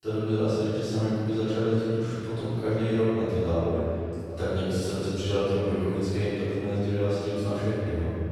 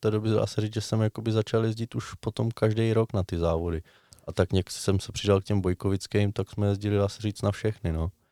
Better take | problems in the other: second | off-mic speech; far // room echo; strong; dies away in 2.9 s

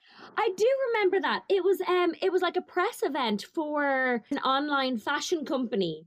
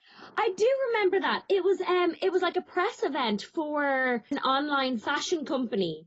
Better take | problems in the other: first | garbled, watery; badly; nothing above 7.5 kHz

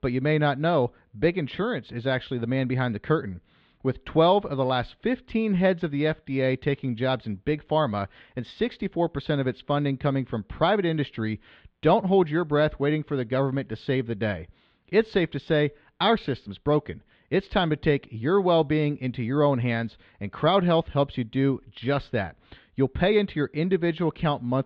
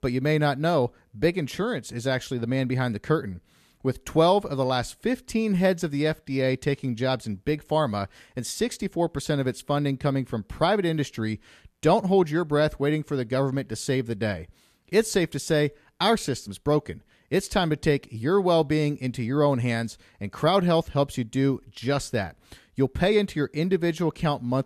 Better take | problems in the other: second | muffled; slightly; fading above 3.5 kHz

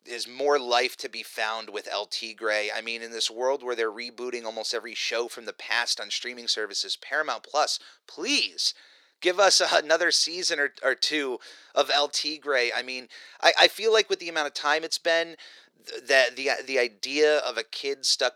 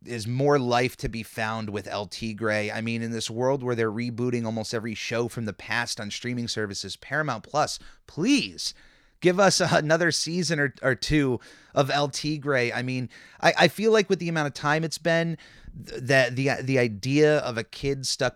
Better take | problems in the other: second | thin; very; fading below 400 Hz

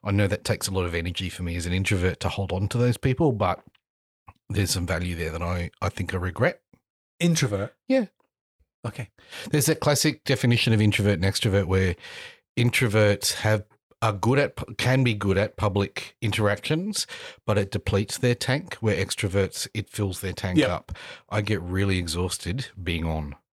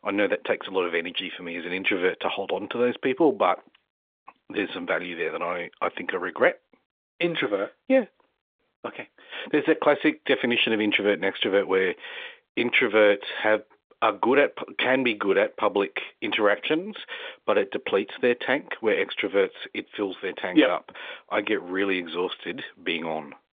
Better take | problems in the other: first | phone-call audio

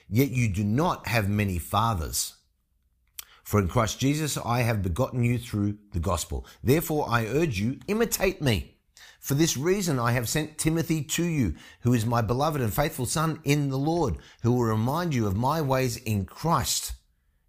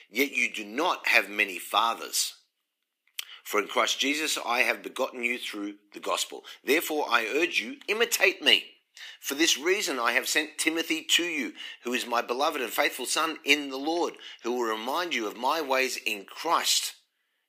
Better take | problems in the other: first | thin; somewhat; fading below 300 Hz

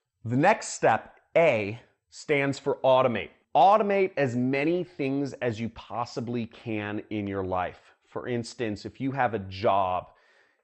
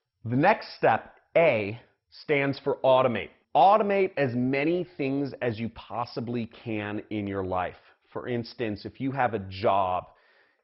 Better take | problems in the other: first | garbled, watery; badly; nothing above 5.5 kHz; slightly in the first

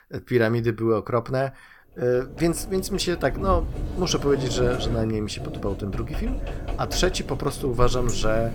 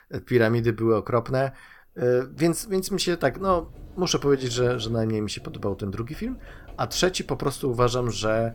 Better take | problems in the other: second | household noises; loud; from 2.5 s on; 7 dB below the speech; faint in the second

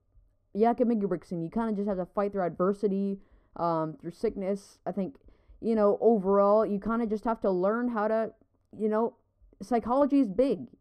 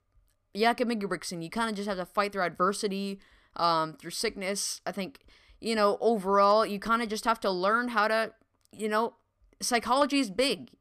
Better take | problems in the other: second | muffled; very; fading above 1.5 kHz

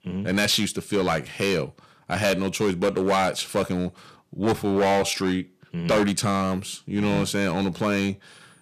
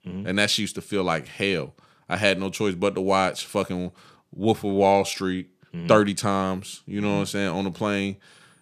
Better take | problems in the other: second | distortion; heavy; 8% of the sound clipped

